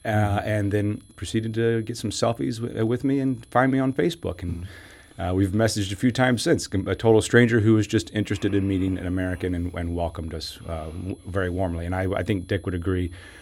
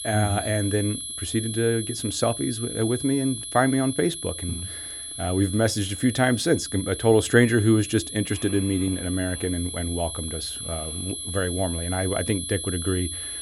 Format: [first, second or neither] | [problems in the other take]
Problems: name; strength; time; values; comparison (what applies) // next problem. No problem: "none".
first | high-pitched whine; loud; throughout; 11 kHz, 7 dB below the speech; faint in the first